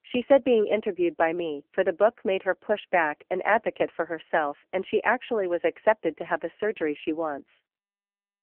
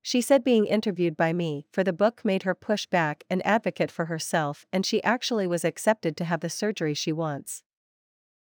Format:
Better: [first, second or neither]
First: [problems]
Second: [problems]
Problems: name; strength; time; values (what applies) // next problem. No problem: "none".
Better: second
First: phone-call audio; poor line; nothing above 3 kHz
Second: none